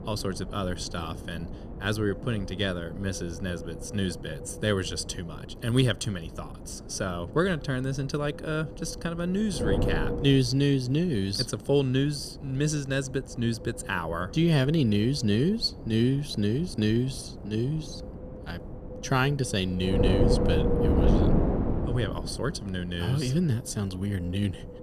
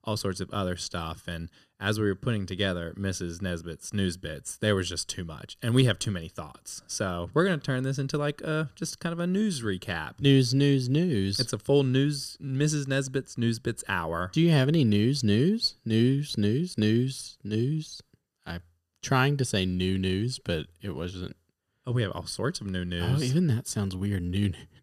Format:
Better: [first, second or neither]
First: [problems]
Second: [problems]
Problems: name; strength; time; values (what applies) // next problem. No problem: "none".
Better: second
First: wind noise on the microphone; heavy; 5 dB below the speech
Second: none